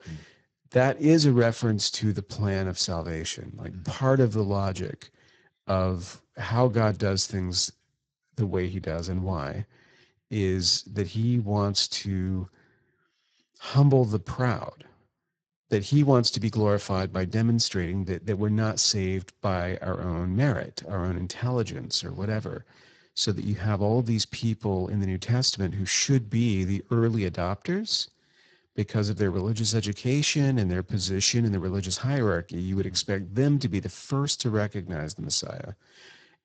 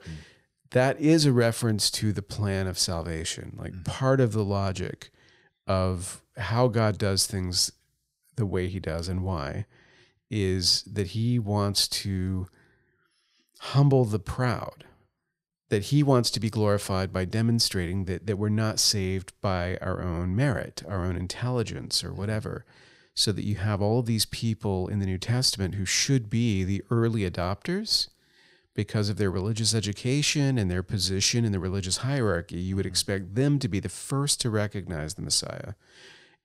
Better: second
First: garbled, watery; badly; nothing above 7.5 kHz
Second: none

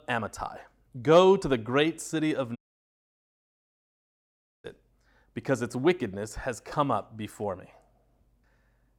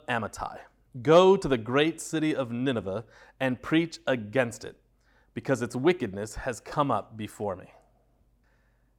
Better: second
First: audio cutting out; at 2.5 s for 2 s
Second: none

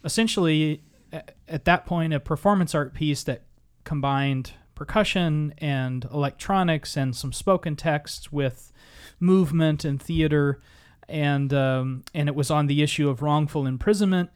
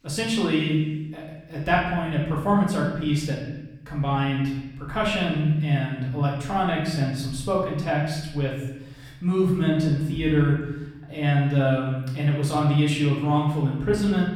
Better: first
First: none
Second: off-mic speech; far // room echo; noticeable; dies away in 1 s

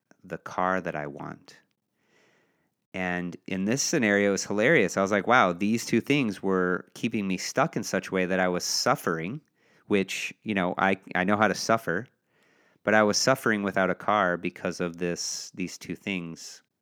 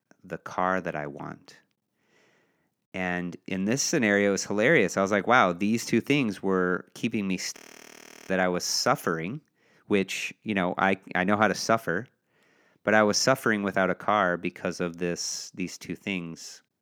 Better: first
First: none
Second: audio freezing; at 7.5 s for 0.5 s

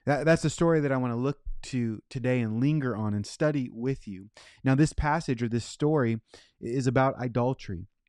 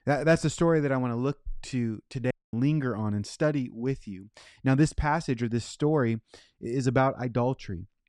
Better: first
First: none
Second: audio cutting out; at 2.5 s

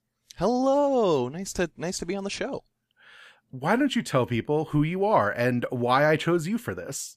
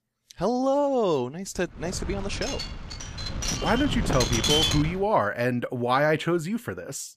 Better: first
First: none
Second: wind noise on the microphone; heavy; from 2 to 5 s; 1 dB below the speech

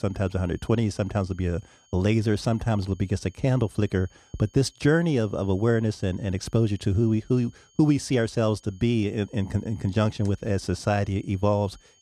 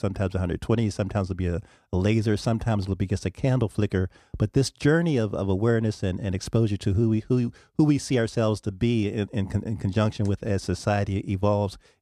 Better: second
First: high-pitched whine; faint; throughout; 3 kHz, 30 dB below the speech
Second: none

